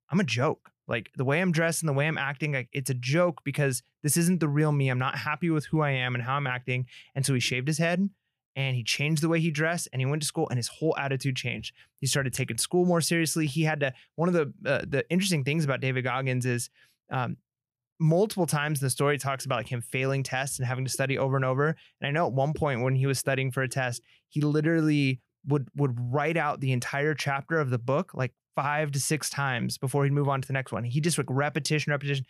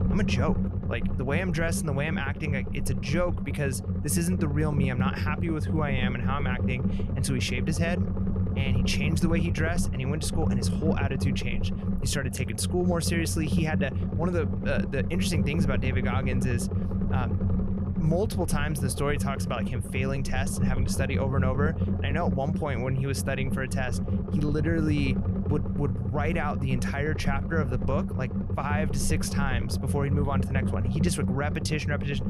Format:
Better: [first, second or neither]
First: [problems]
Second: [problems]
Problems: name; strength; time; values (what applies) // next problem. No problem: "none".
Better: first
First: none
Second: low rumble; loud; throughout; 6 dB below the speech